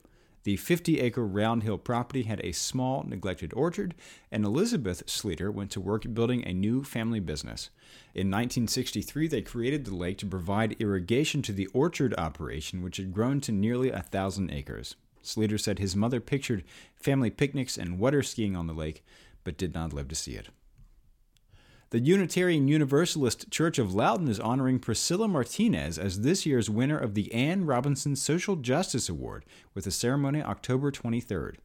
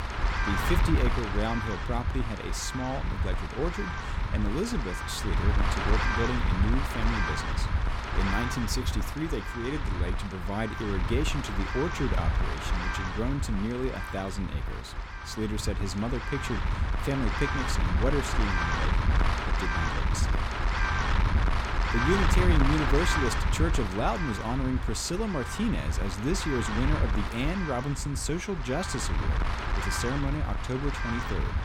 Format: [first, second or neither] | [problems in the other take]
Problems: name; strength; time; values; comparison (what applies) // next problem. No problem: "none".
first | wind noise on the microphone; heavy; 3 dB above the speech